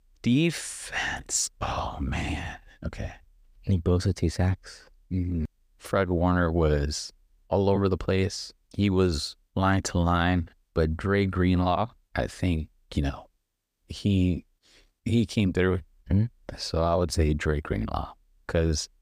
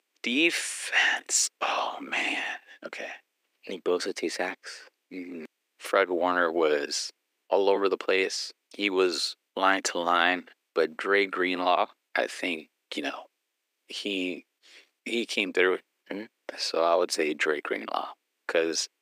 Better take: first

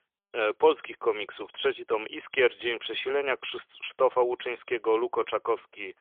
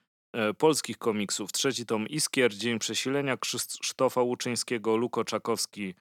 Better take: second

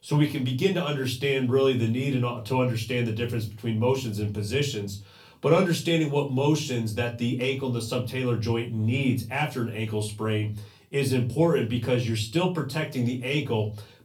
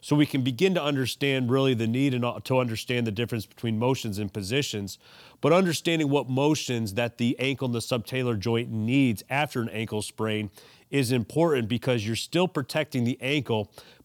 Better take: second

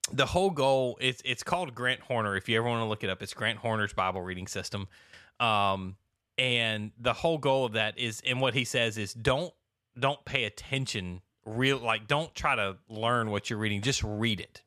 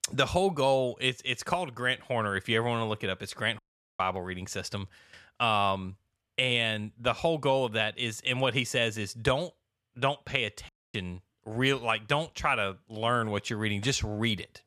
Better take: first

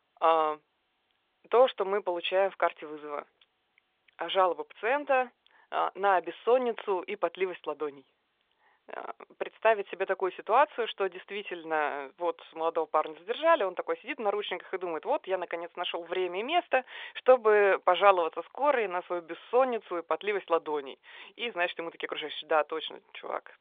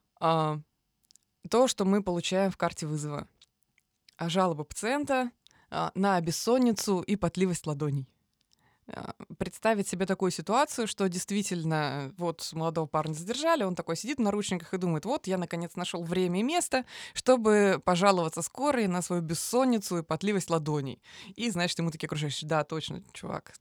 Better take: second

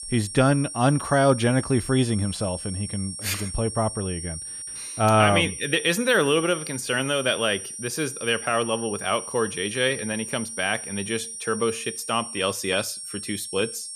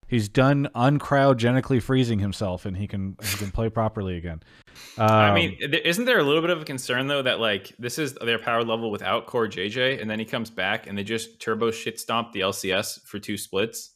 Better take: second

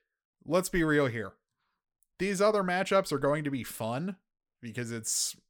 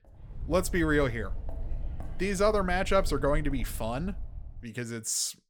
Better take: first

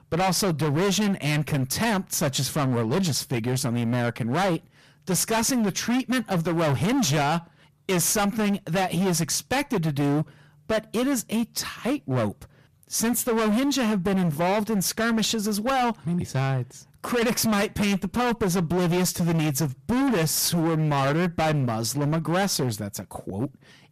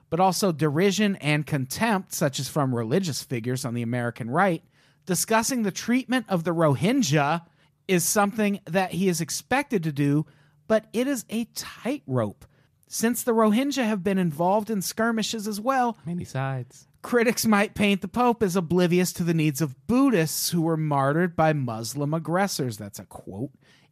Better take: second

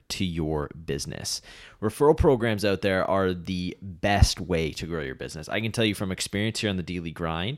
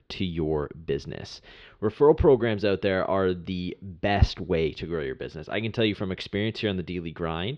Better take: first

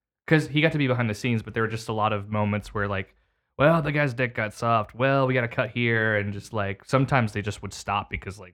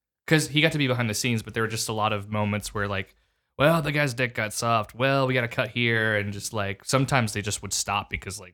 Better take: second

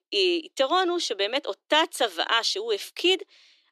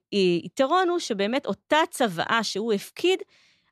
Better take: second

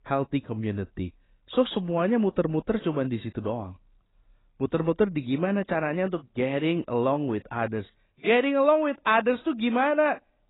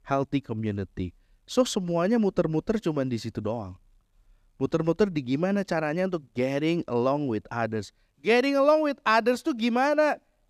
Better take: second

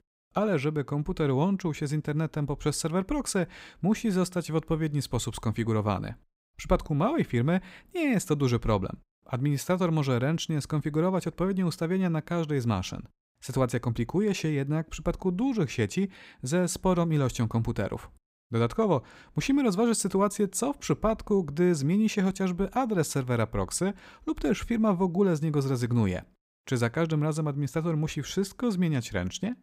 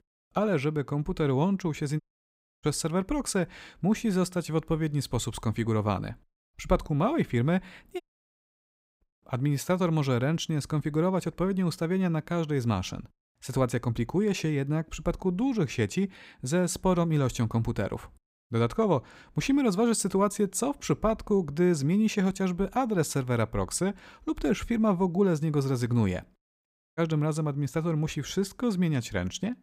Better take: first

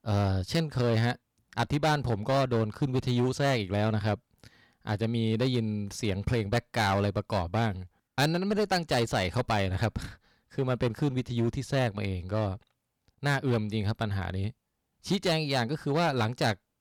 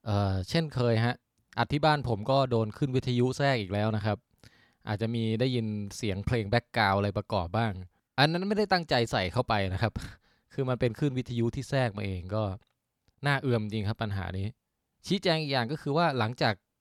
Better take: second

